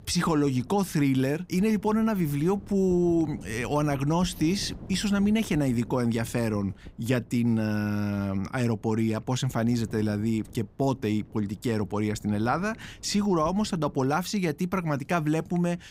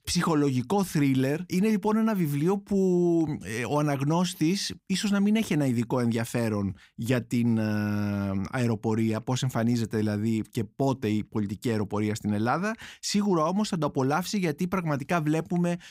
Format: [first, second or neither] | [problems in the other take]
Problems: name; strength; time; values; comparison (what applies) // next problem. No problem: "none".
second | wind noise on the microphone; occasional gusts; 25 dB below the speech